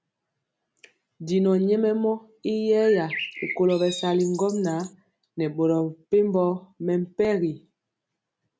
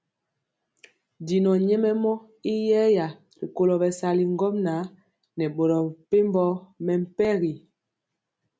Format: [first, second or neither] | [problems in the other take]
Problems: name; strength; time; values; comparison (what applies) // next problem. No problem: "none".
second | background sound (Bird); 11 dB below the speech